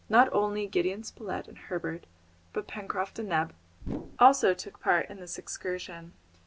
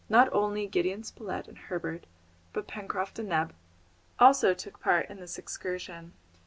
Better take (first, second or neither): second